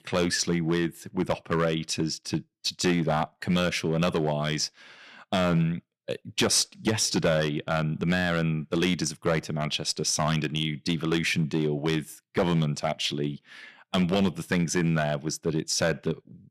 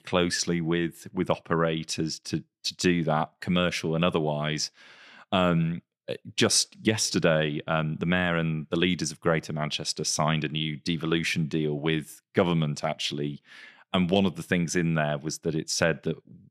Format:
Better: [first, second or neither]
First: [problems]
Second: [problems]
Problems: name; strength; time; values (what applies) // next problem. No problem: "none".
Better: second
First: distortion; slight; 4% of the sound clipped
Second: none